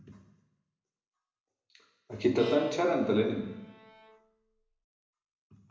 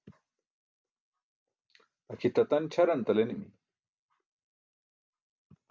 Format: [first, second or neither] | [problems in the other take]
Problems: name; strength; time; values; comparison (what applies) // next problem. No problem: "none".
second | background sound (Bowed string instrument); 14 dB below the speech // room echo; dies away in 0.9 s